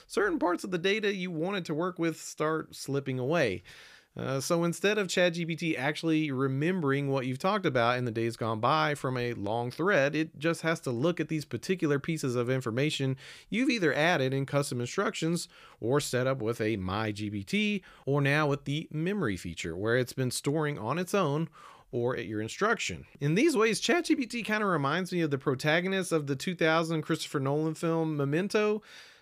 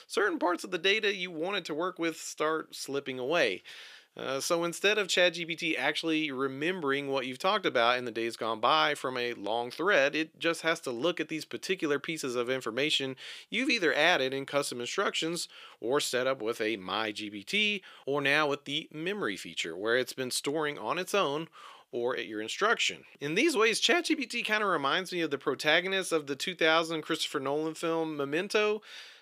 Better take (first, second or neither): first